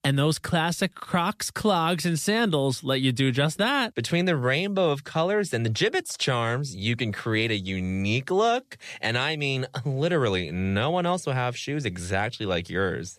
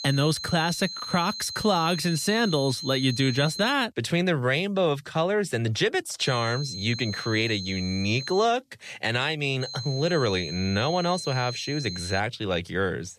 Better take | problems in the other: first | high-pitched whine; loud; until 3.5 s, from 6 to 8.5 s and from 9.5 to 12 s; 4 kHz, 8 dB below the speech

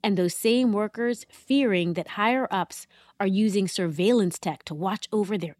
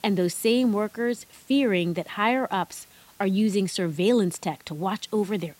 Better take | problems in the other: first | hiss; faint; throughout; 25 dB below the speech

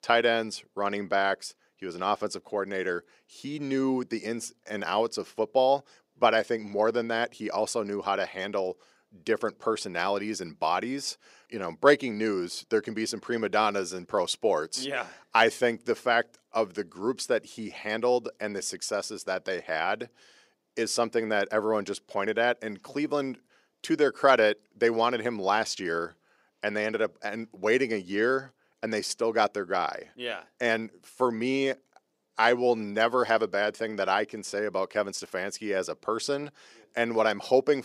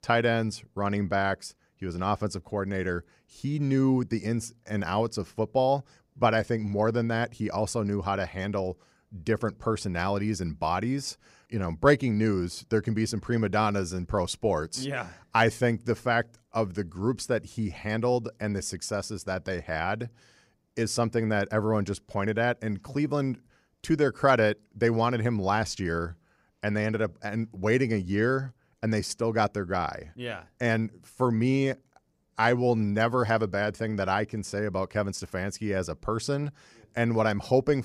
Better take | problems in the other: second | thin; somewhat; fading below 350 Hz

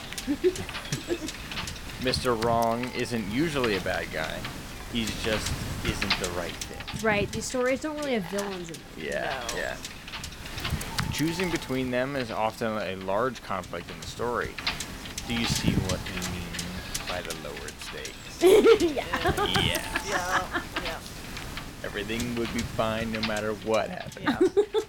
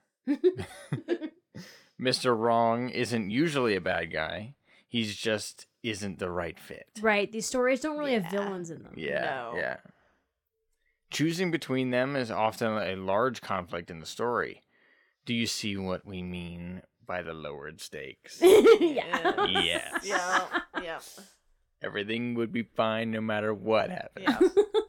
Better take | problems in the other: second | wind noise on the microphone; heavy; 7 dB below the speech

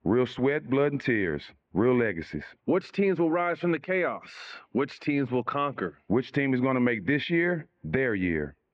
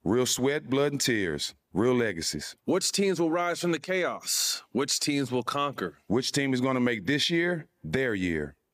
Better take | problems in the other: second | muffled; very; fading above 2.5 kHz

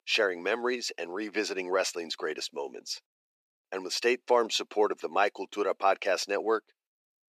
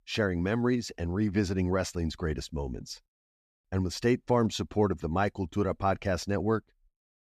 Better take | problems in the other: second | thin; very; fading below 400 Hz

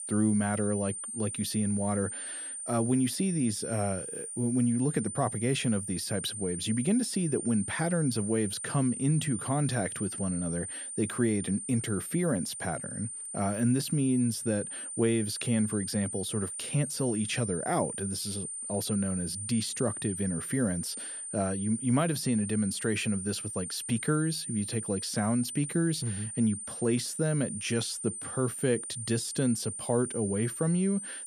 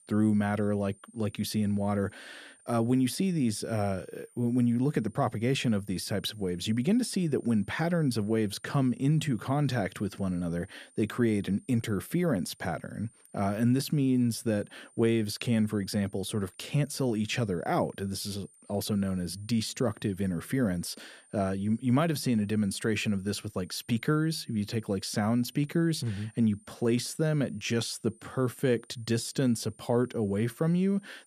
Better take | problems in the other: second | high-pitched whine; loud; throughout; 9 kHz, 6 dB below the speech; faint in the second

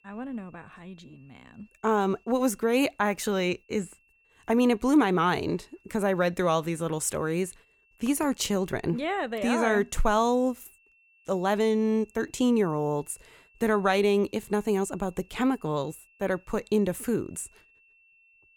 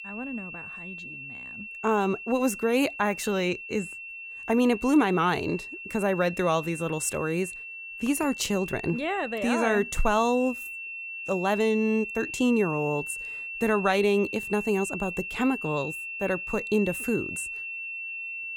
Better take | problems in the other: first | high-pitched whine; loud; throughout; 2.5 kHz, 8 dB below the speech; faint in the first

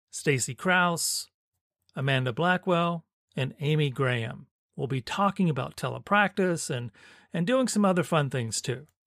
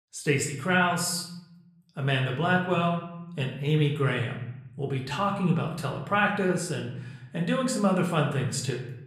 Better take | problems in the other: first | room echo; slight; dies away in 0.8 s // off-mic speech; somewhat distant

